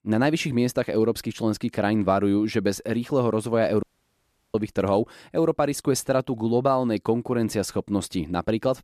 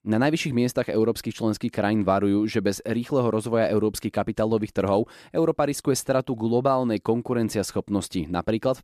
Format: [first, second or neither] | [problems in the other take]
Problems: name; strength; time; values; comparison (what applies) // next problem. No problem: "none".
second | audio cutting out; at 4 s for 0.5 s